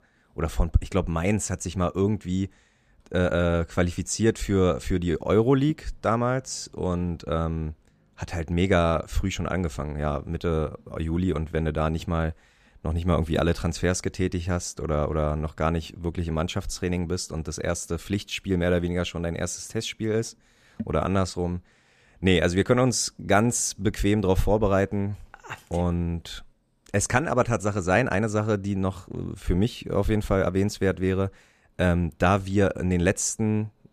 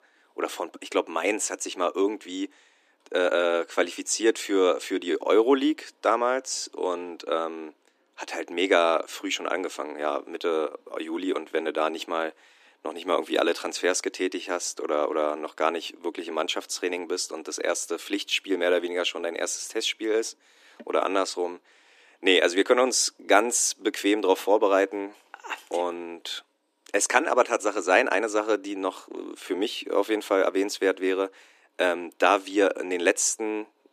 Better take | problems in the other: first | thin; somewhat; fading below 300 Hz

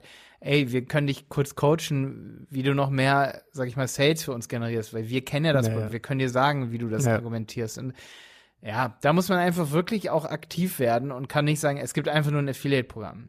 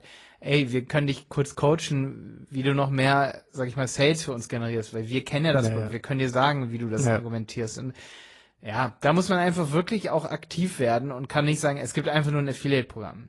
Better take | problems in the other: first | garbled, watery; slightly; nothing above 10.5 kHz

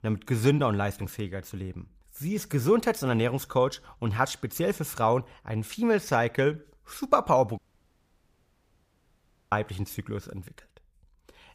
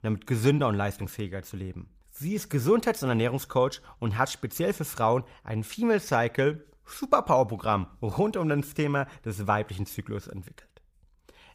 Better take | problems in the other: second | audio cutting out; at 7.5 s for 2 s

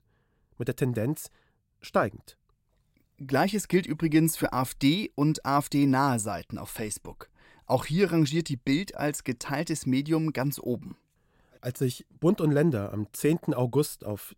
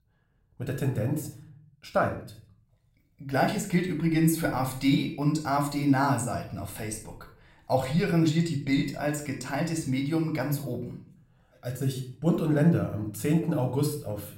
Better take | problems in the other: first | room echo; slight; dies away in 0.5 s

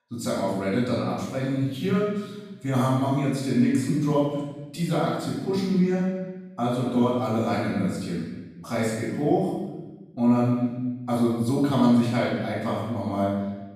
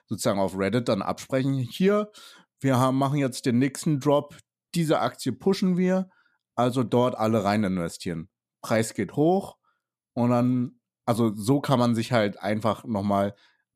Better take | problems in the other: second | room echo; strong; dies away in 1.1 s // off-mic speech; far

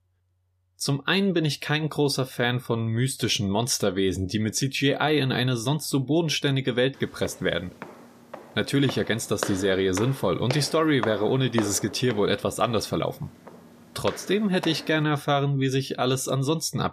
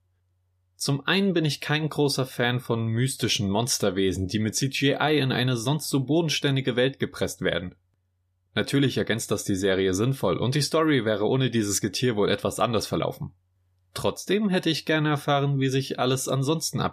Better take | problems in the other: second | footsteps; noticeable; from 7 to 15 s; peak 7 dB below the speech

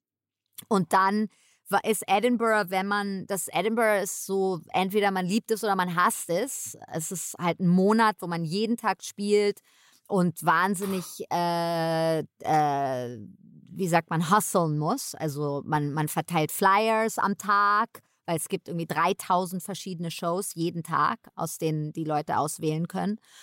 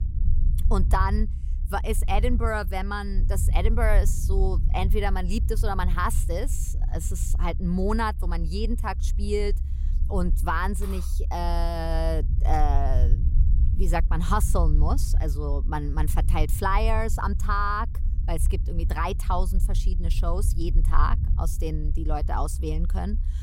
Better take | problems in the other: first | low rumble; noticeable; throughout; 15 dB below the speech

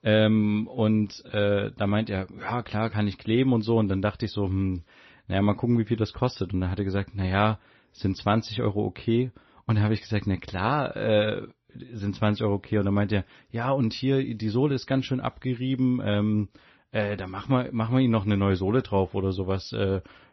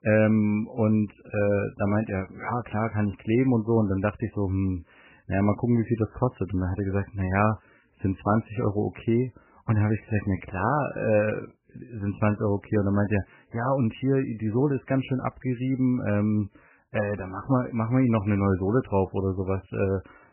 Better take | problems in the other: first | garbled, watery; badly; nothing above 2.5 kHz; slightly in the first

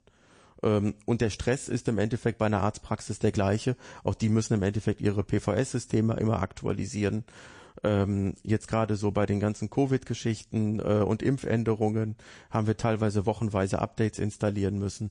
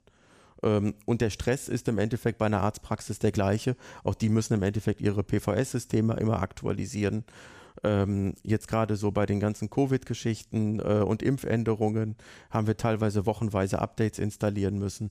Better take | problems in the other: second | garbled, watery; slightly; nothing above 8.5 kHz

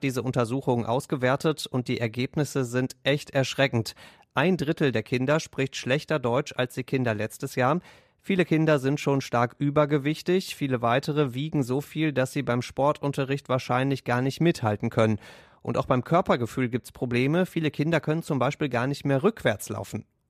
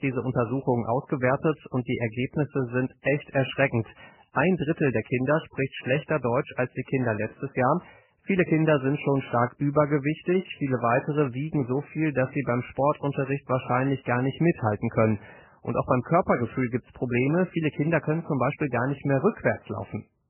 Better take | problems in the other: first | garbled, watery; badly; nothing above 3 kHz

